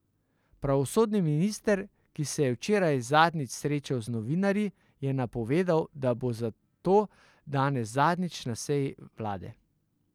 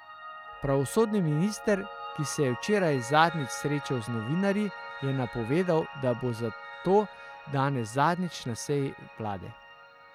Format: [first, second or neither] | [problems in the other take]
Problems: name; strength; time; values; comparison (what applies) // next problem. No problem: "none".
first | background sound (Piano); 14 dB below the speech